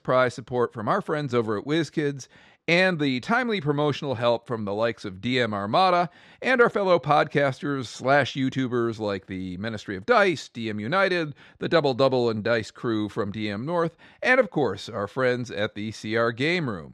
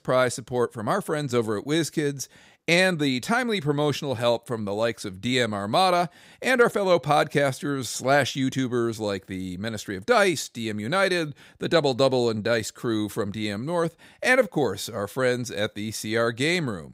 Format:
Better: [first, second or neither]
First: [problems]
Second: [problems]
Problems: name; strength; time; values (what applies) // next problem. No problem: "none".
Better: second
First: muffled; very slightly; fading above 4 kHz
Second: none